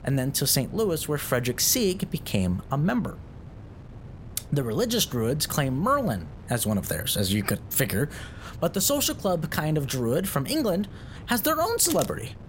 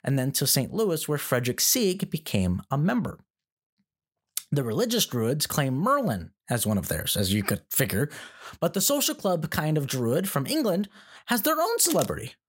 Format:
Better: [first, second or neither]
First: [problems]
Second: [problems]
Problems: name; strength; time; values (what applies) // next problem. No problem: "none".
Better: second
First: wind noise on the microphone; occasional gusts; 25 dB below the speech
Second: none